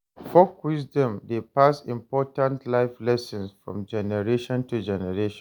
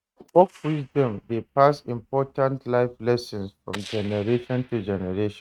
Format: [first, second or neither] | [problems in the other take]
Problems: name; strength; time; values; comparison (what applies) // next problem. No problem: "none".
first | noise reduction (neural mask model RNNoise)